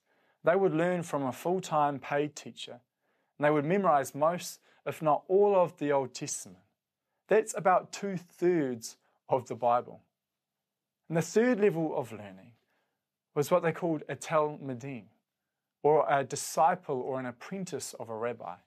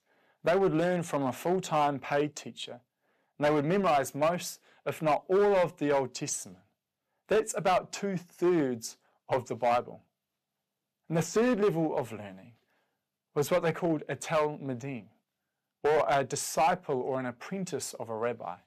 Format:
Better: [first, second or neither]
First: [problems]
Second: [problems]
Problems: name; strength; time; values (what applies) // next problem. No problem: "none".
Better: first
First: none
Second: distortion; slight; 5% of the sound clipped